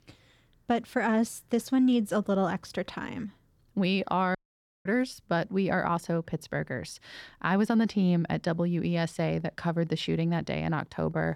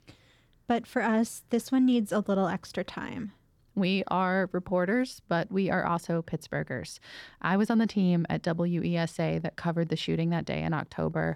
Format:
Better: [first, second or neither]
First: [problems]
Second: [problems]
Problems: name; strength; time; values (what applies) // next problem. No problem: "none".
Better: second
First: audio cutting out; at 4.5 s for 0.5 s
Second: none